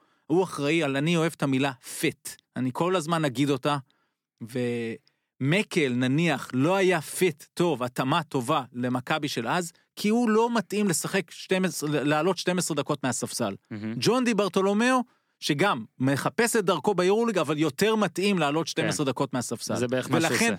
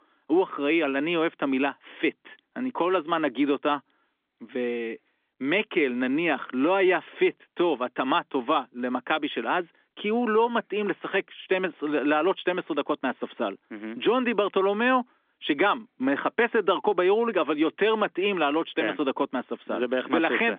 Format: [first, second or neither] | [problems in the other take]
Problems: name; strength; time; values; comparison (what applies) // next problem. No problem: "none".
first | phone-call audio; nothing above 3.5 kHz